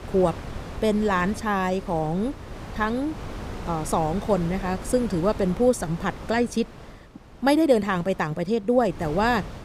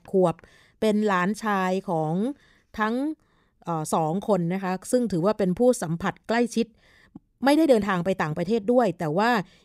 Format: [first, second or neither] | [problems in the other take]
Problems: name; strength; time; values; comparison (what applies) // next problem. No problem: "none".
second | wind noise on the microphone; occasional gusts; 15 dB below the speech